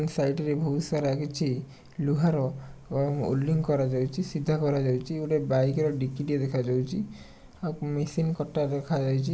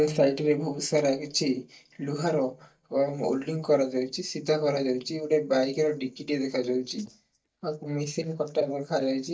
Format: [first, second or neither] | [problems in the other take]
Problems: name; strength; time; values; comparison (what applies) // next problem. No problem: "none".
first | noise reduction (neural mask model DeepFilterNet 3)